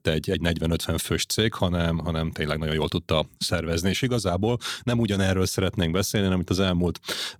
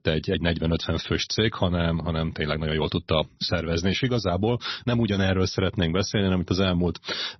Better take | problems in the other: first | garbled, watery; slightly; nothing above 6 kHz

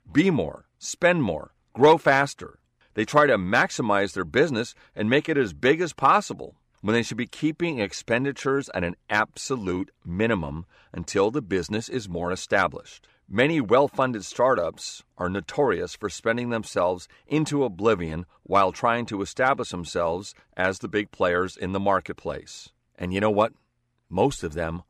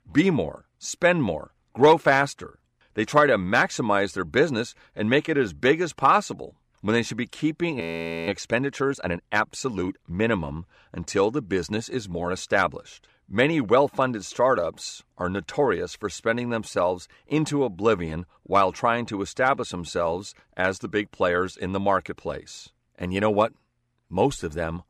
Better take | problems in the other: first | audio freezing; at 8 s

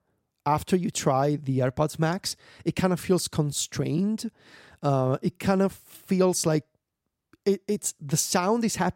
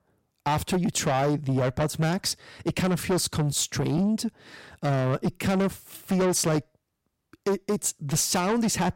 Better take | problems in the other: first | distortion; heavy; 7 dB below the speech

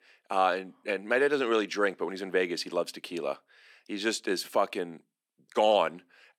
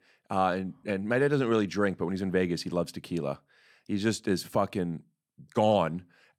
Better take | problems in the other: second | thin; somewhat; fading below 350 Hz

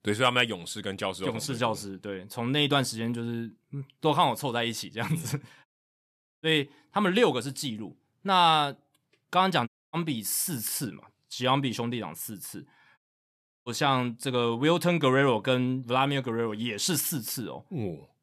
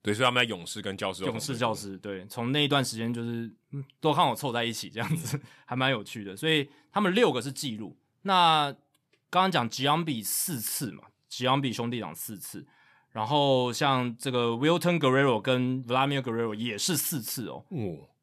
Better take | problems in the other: second | audio cutting out; at 5.5 s for 1 s, at 9.5 s and at 13 s for 0.5 s

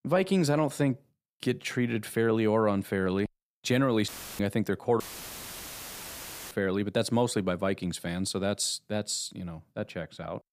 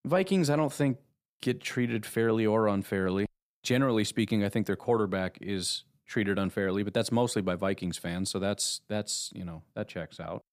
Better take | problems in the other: second | audio cutting out; filled with static; at 4 s and at 5 s for 1.5 s

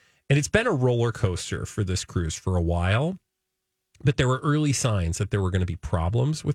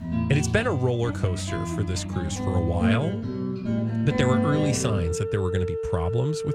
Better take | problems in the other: first | background music; loud; throughout; 1 dB below the speech

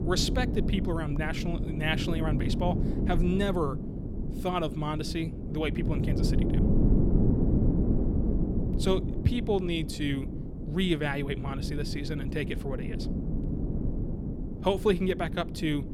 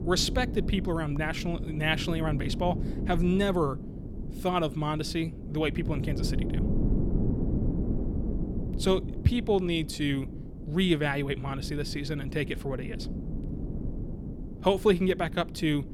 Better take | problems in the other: second | wind noise on the microphone; heavy; 6 dB below the speech; occasional gusts in the second

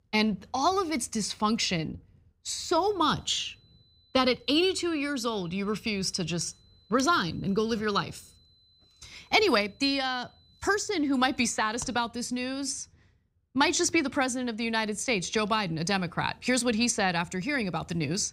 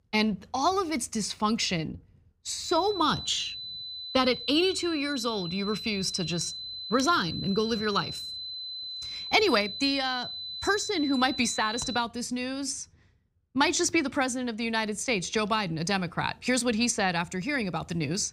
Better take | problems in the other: first | high-pitched whine; loud; from 2.5 to 12 s; 4 kHz, 7 dB below the speech; faint in the first

